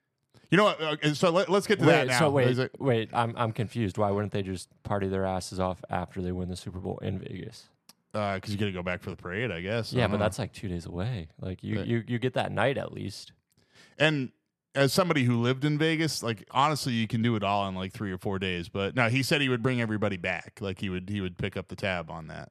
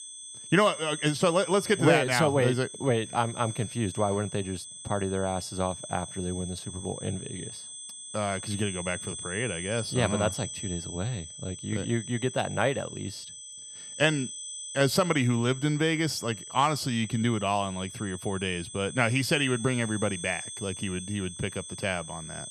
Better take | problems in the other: first | high-pitched whine; loud; throughout; 8 kHz, 10 dB below the speech

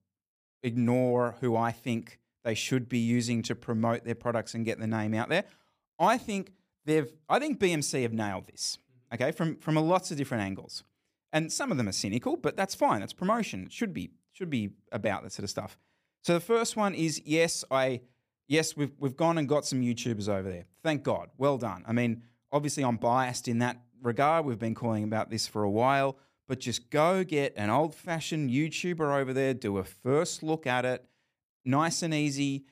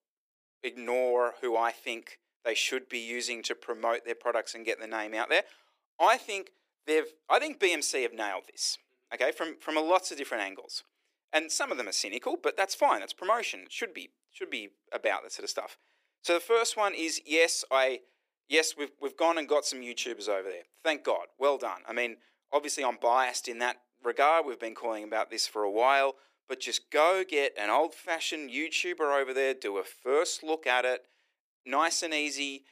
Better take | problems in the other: first | thin; very; fading below 350 Hz

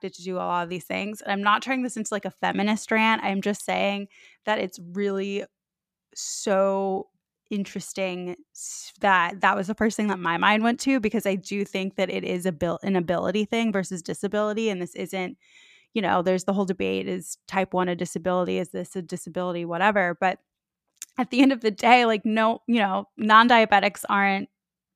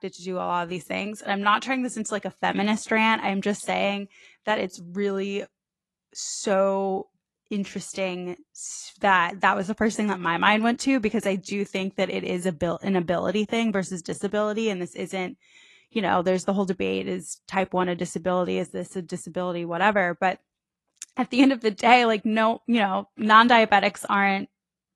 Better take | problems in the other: first | garbled, watery; slightly; nothing above 11 kHz

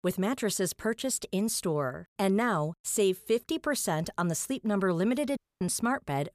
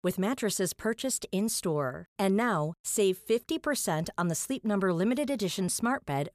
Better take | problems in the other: second | audio cutting out; at 5.5 s

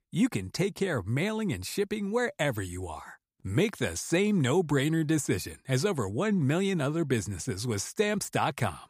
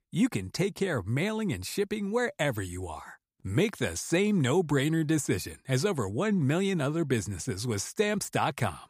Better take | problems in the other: neither | none

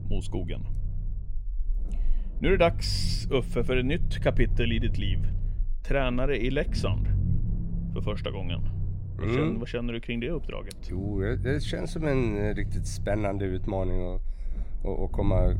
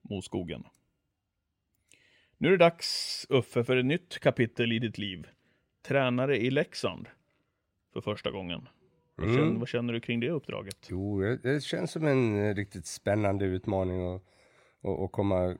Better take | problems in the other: second | low rumble; noticeable; throughout; 15 dB below the speech

